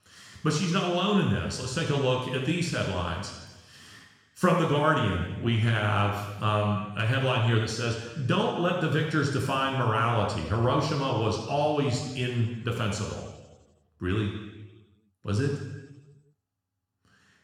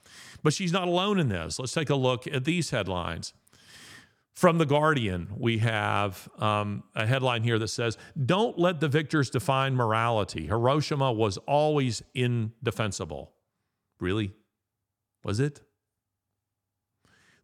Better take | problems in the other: second | room echo; noticeable; dies away in 1.1 s // off-mic speech; somewhat distant

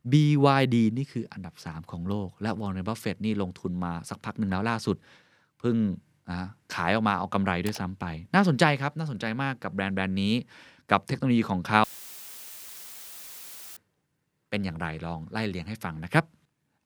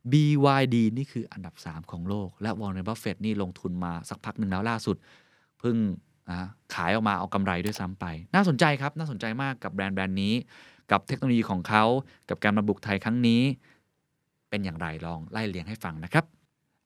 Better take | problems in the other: second | audio cutting out; filled with static; at 12 s for 2 s

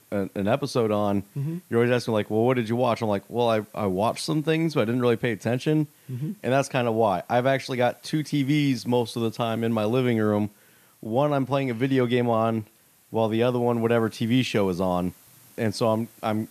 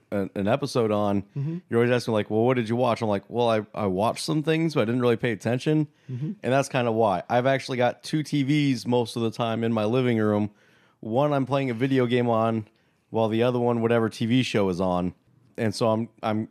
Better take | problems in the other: second | hiss; faint; throughout; 30 dB below the speech

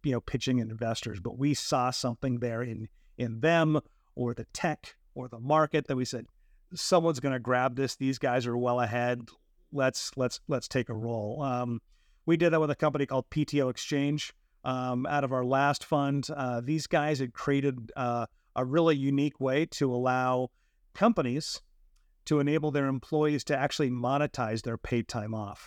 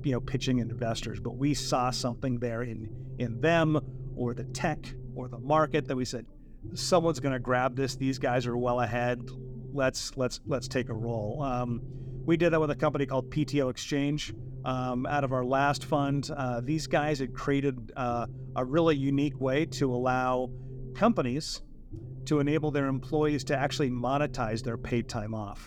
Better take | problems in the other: first | low rumble; faint; throughout; 20 dB below the speech

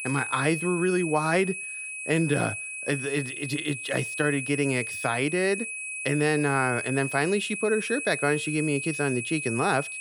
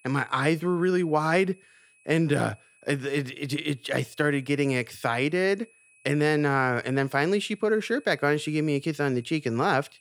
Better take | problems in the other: second | high-pitched whine; loud; throughout; 2.5 kHz, 5 dB below the speech; faint in the second

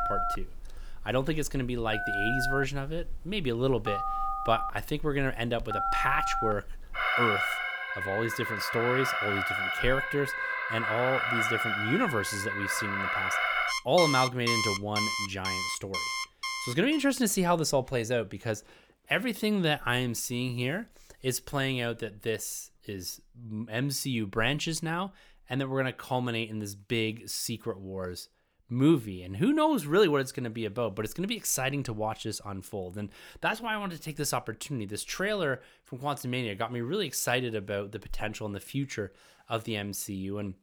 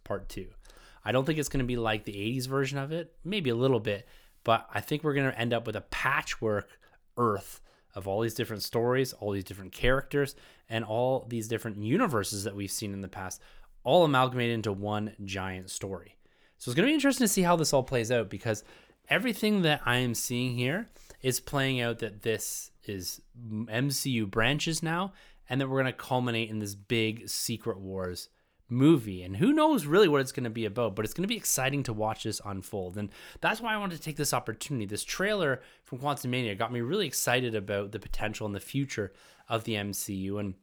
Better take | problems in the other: second | alarms or sirens; very loud; until 17 s; 1 dB above the speech

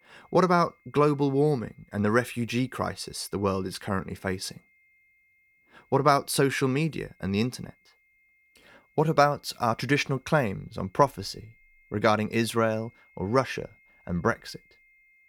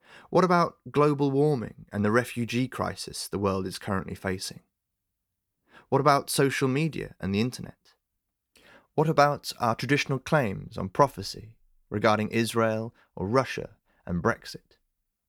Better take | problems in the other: second | high-pitched whine; faint; throughout; 2 kHz, 35 dB below the speech

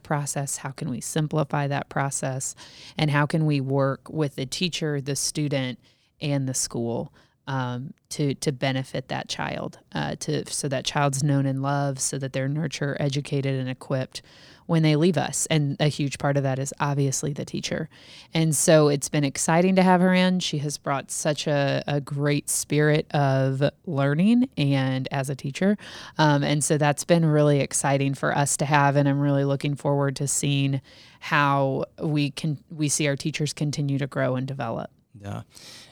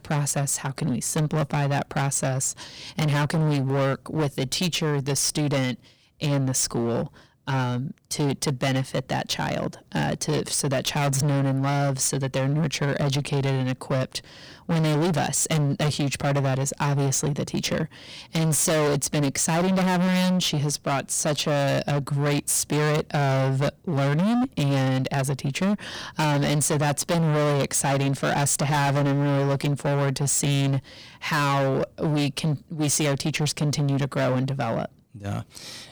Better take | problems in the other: first | distortion; heavy; 26% of the sound clipped

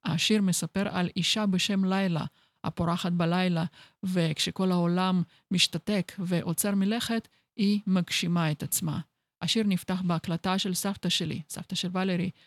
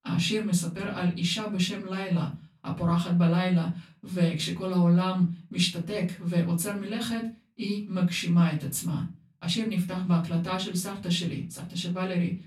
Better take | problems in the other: first | off-mic speech; far // room echo; very slight; dies away in 0.3 s

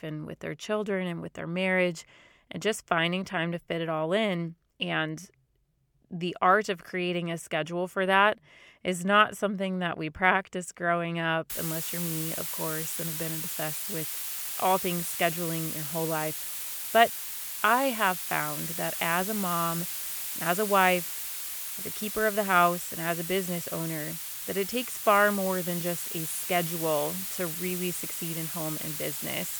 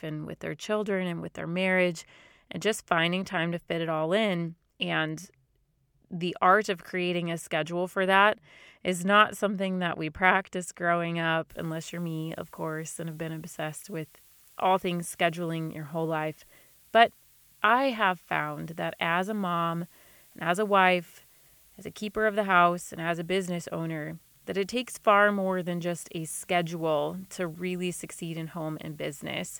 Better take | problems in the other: second | hiss; loud; from 12 s on; 4 dB below the speech; faint in the second

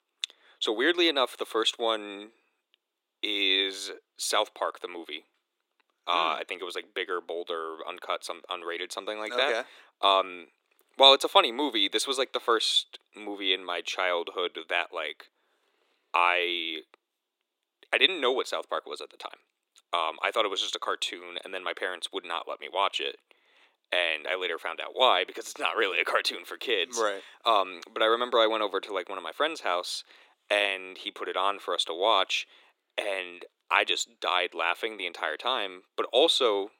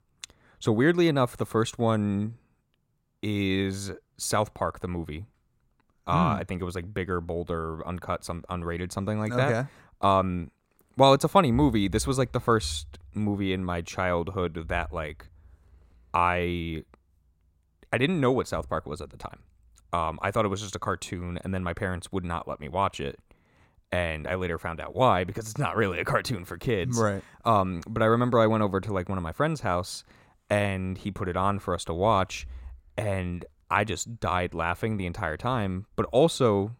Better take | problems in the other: second | thin; very; fading below 350 Hz

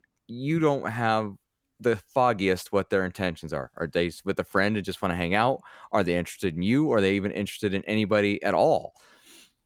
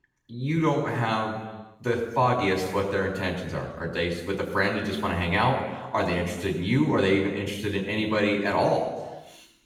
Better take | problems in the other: first | room echo; noticeable; dies away in 1 s // off-mic speech; far

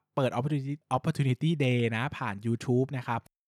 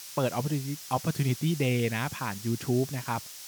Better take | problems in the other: first | hiss; noticeable; throughout; 10 dB below the speech

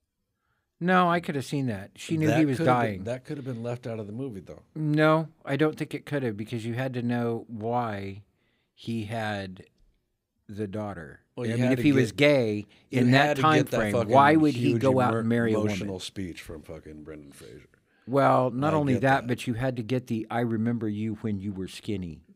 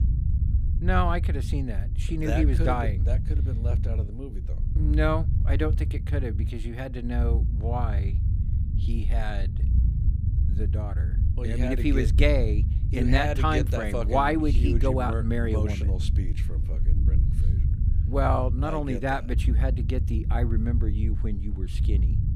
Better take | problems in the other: first | low rumble; noticeable; throughout; 15 dB below the speech

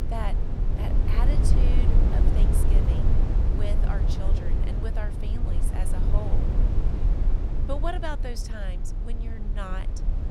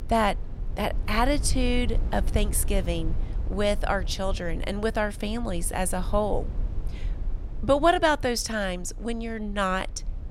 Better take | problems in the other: second | low rumble; loud; throughout; 1 dB below the speech; faint in the second

